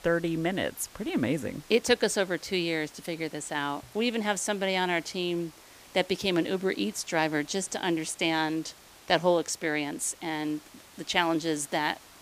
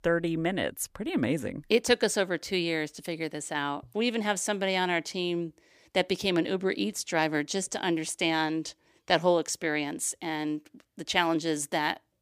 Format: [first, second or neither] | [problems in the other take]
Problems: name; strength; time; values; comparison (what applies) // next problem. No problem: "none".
second | hiss; faint; throughout; 20 dB below the speech